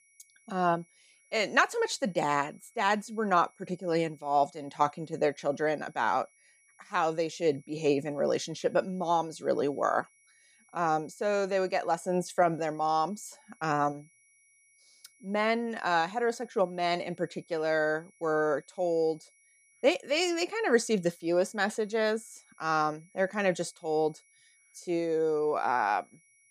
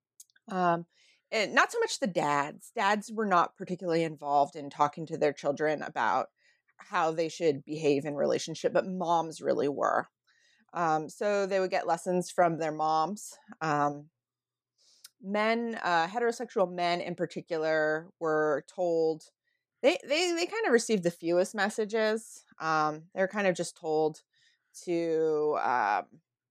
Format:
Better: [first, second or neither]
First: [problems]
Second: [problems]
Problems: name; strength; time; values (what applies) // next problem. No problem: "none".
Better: second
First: high-pitched whine; faint; throughout; 2 kHz, 30 dB below the speech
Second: none